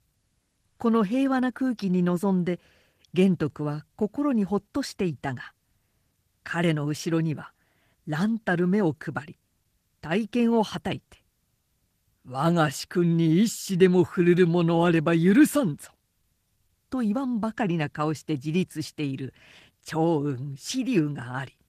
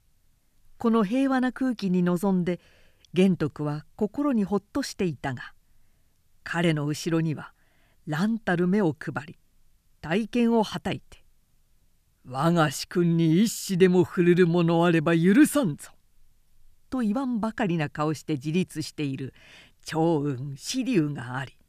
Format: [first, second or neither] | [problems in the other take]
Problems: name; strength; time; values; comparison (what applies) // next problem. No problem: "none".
second | garbled, watery; slightly; nothing above 14.5 kHz